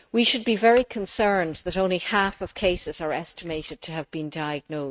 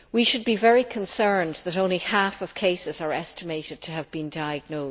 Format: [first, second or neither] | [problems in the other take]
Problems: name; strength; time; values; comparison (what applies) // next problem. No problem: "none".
second | noise reduction (neural mask model RNNoise)